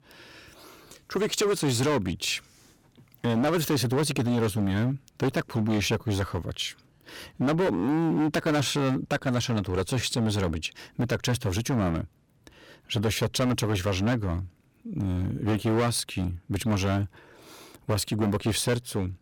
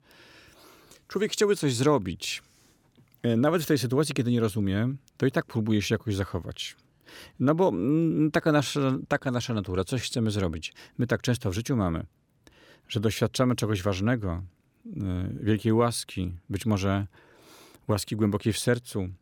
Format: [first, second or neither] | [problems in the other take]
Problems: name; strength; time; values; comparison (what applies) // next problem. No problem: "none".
second | distortion; heavy; 14% of the sound clipped